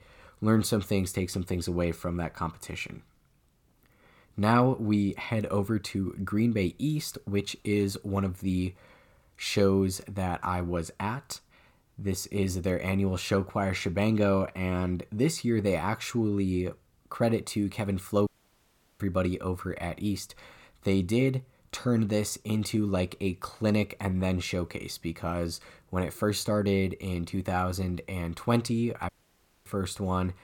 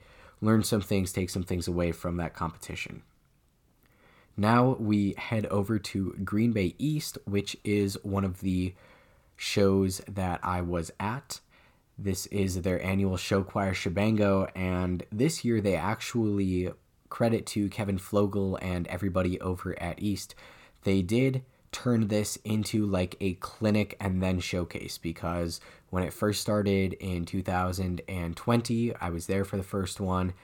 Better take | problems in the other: second | audio cutting out; at 18 s for 0.5 s and at 29 s for 0.5 s

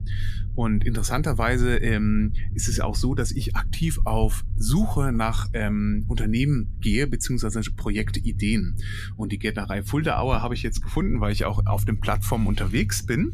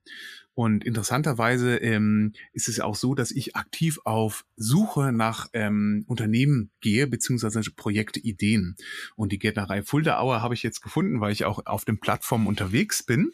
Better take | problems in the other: second | low rumble; noticeable; throughout; 15 dB below the speech

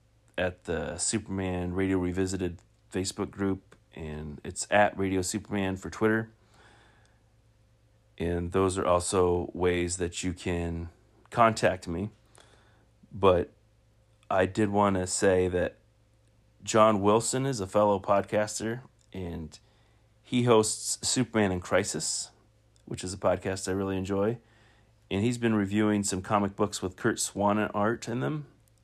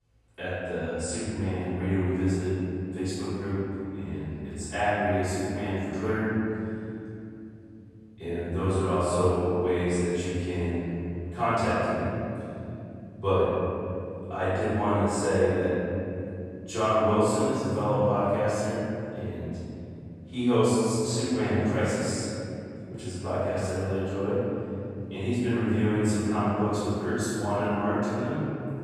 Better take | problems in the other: first | room echo; strong; dies away in 3 s // off-mic speech; far

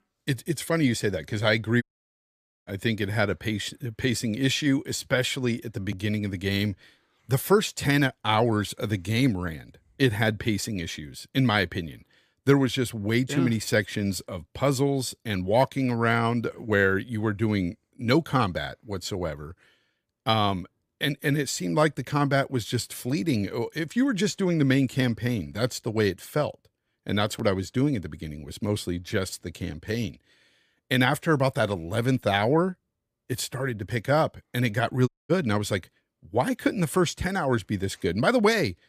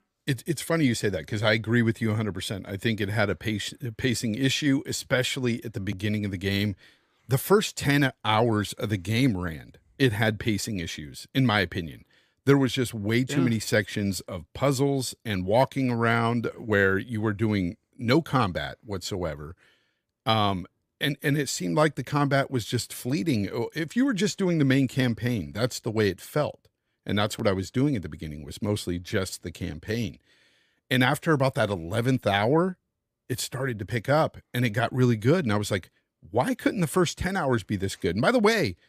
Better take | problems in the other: second | audio cutting out; at 2 s for 1 s and at 35 s

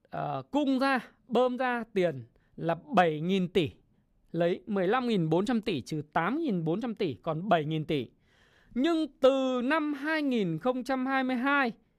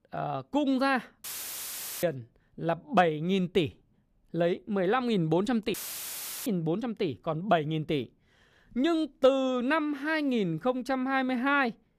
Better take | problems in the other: first | audio cutting out; filled with static; at 1 s for 1 s and at 5.5 s for 0.5 s

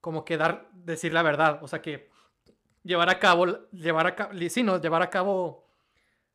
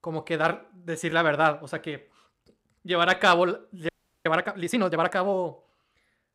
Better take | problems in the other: first | audio freezing; at 4 s

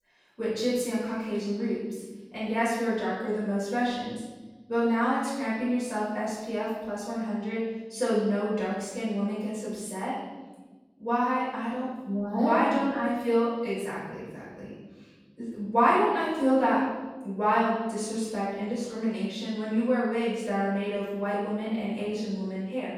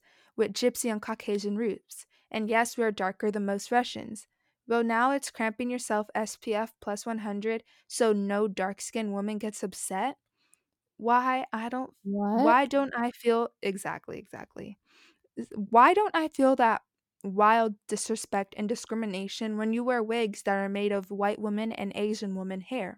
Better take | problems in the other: second | off-mic speech; far // room echo; strong; dies away in 1.3 s

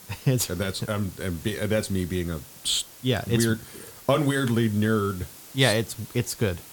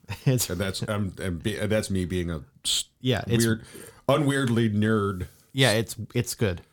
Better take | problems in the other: second | hiss; noticeable; throughout; 20 dB below the speech

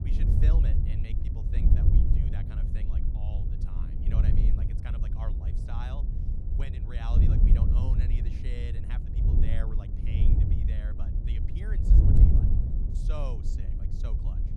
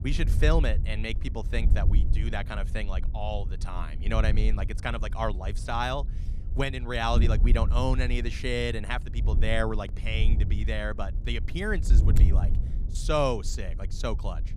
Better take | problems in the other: second | wind noise on the microphone; heavy; 3 dB above the speech; occasional gusts in the second

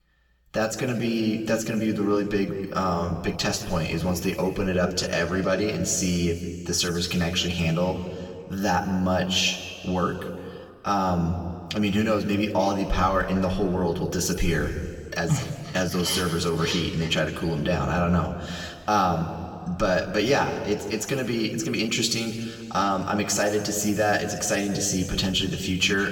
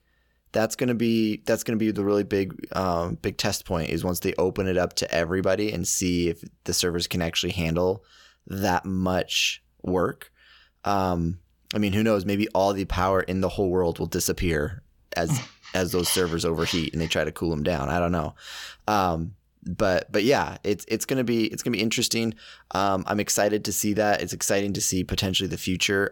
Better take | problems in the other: second | room echo; slight; dies away in 2 s // off-mic speech; somewhat distant

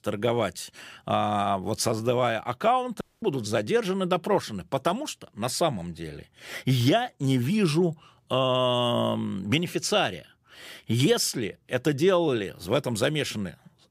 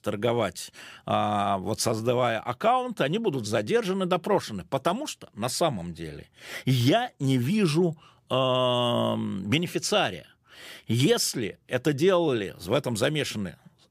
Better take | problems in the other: second | audio cutting out; at 3 s

